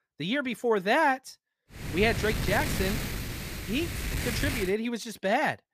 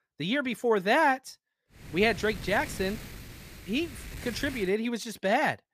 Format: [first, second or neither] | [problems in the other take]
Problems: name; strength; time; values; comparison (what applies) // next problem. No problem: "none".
second | wind noise on the microphone; heavy; from 2 to 4.5 s; 8 dB below the speech; occasional gusts in the second